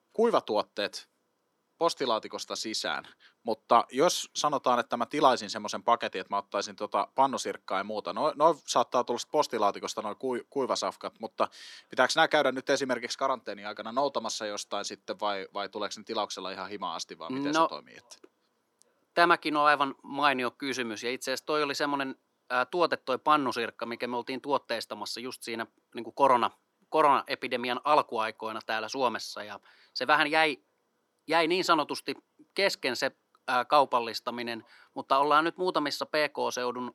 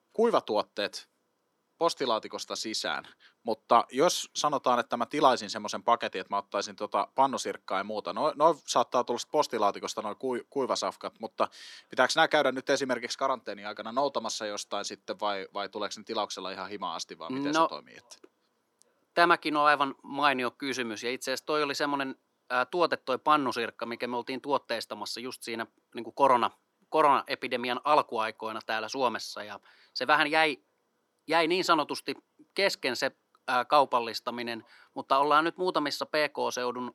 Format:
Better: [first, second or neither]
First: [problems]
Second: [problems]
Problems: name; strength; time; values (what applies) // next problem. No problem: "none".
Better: neither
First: thin; somewhat; fading below 350 Hz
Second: thin; somewhat; fading below 350 Hz